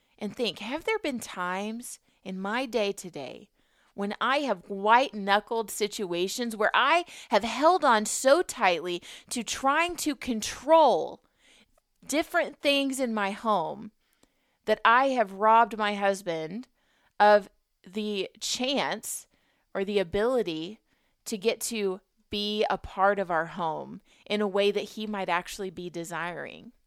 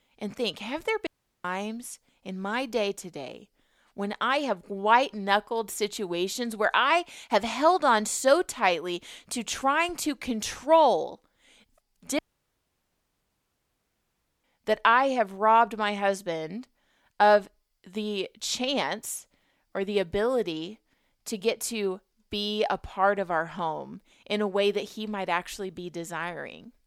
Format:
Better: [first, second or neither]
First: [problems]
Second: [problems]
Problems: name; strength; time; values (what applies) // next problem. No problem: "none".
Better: first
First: none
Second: audio cutting out; at 1 s and at 12 s for 2.5 s